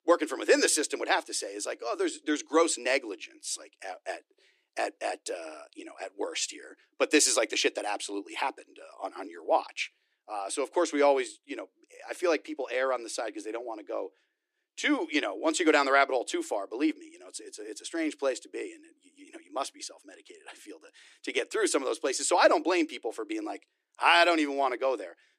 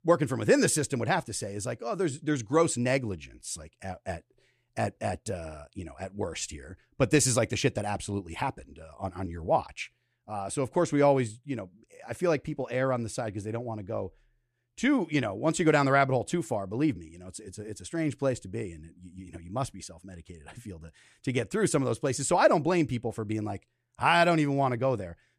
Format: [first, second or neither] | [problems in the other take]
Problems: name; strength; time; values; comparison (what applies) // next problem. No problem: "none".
second | thin; somewhat; fading below 300 Hz